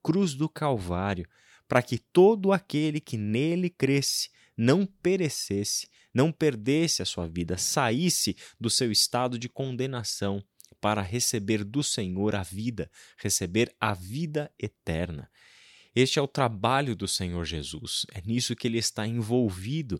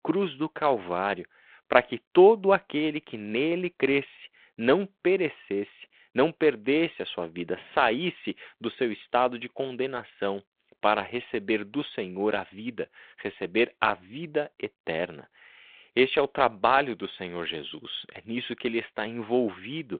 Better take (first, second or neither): first